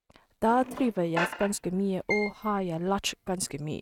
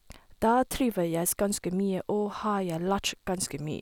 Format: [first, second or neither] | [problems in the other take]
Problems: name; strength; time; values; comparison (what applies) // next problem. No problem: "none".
second | noise reduction (neural mask model RNNoise)